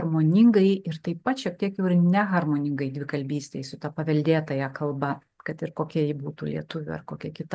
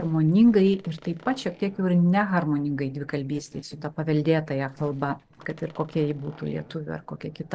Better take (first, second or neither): first